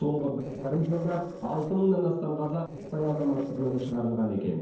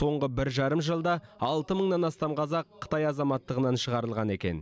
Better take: second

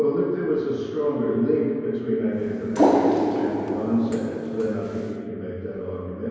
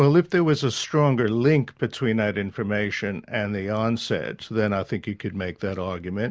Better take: second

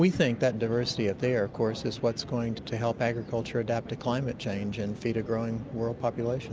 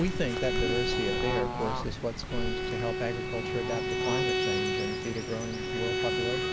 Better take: first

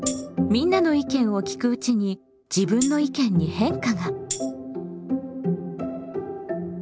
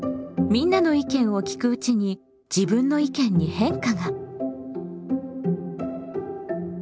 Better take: second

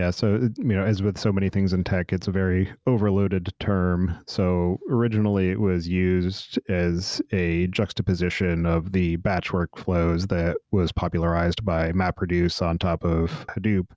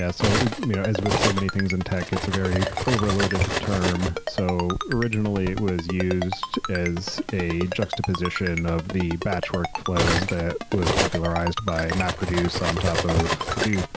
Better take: first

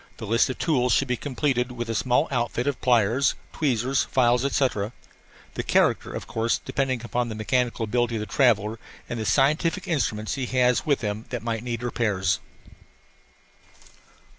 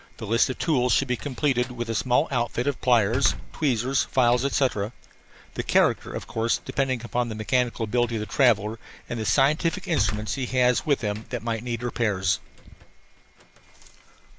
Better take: first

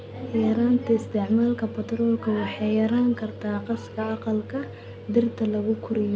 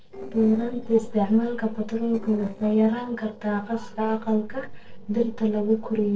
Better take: first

